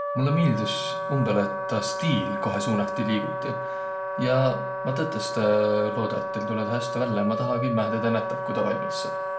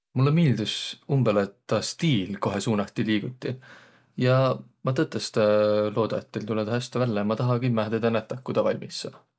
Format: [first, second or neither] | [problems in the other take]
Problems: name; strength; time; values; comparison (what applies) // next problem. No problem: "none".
second | background sound (Wind instrument, woodwind instrument); 4 dB below the speech // room echo; dies away in 0.5 s